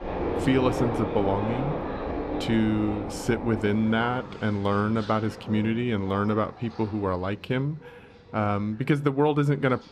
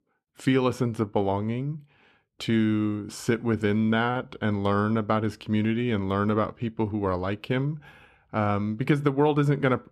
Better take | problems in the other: second | train or aircraft noise; loud; throughout; 6 dB below the speech

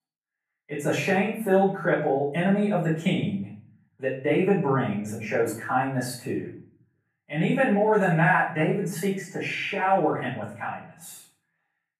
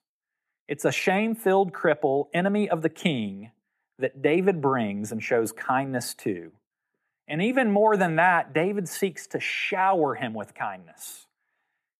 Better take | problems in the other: second | off-mic speech; far // room echo; noticeable; dies away in 0.5 s

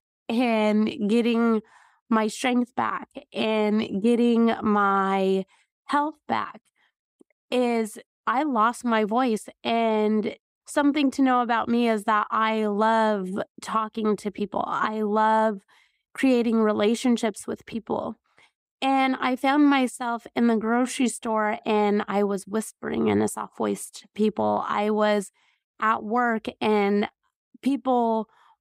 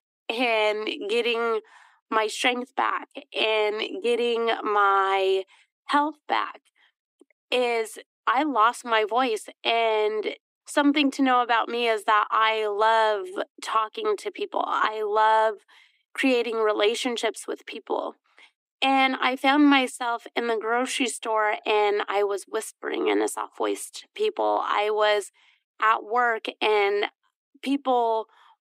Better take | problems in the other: first | thin; very slightly; fading below 250 Hz

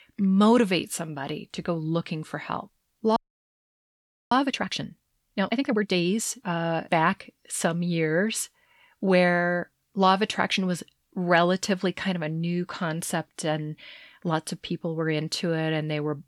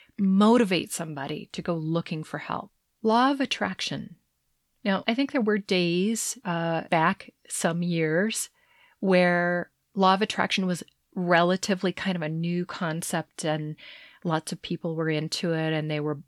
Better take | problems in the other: second | audio freezing; at 3 s for 1 s

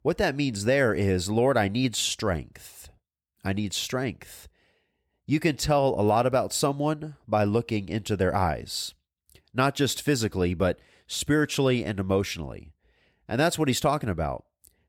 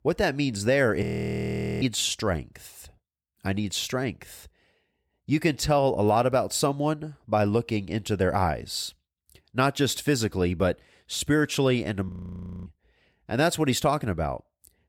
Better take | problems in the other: first | audio freezing; at 1 s for 1 s and at 12 s for 0.5 s

